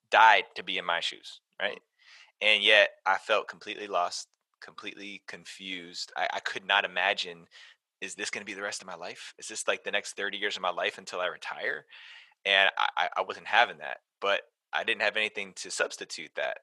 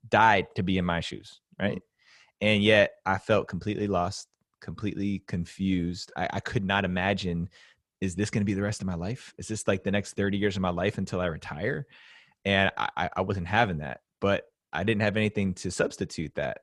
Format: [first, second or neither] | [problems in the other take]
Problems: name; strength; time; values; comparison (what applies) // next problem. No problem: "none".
second | thin; very; fading below 800 Hz